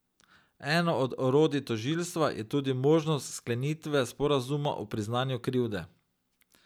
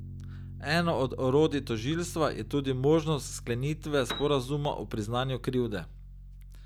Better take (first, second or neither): first